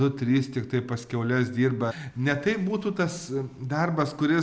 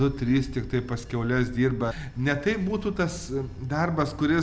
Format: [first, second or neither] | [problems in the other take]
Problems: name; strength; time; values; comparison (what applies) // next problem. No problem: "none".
first | background sound (Bell / Train); 14 dB below the speech